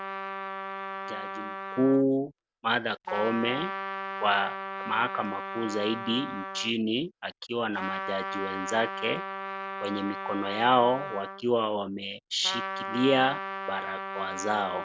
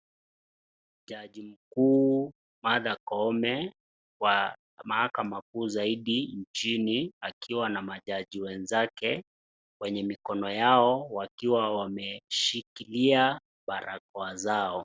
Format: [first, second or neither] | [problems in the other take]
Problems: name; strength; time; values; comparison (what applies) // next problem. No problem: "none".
second | background sound (Trumpet); 7 dB below the speech